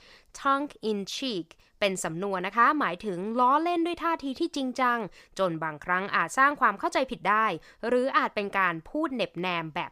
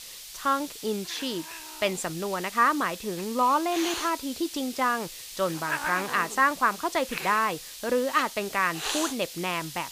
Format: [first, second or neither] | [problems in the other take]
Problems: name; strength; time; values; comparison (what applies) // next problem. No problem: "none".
first | hiss; loud; throughout; 8 dB below the speech